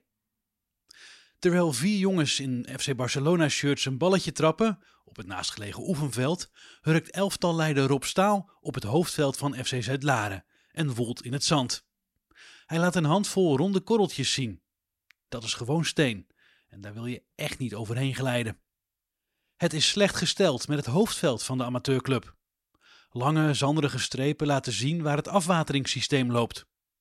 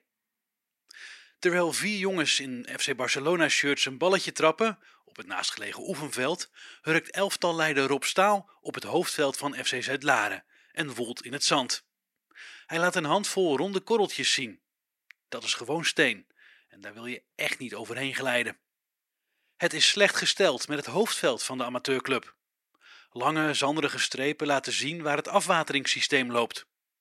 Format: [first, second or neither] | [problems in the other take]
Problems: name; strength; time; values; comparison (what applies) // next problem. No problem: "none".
first | thin; somewhat; fading below 350 Hz